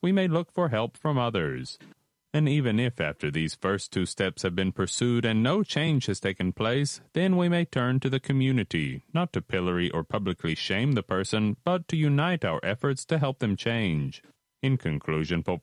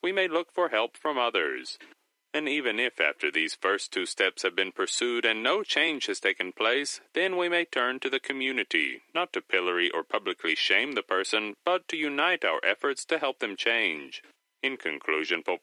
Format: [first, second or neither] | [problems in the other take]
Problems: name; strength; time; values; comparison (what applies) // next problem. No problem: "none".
first | thin; very; fading below 300 Hz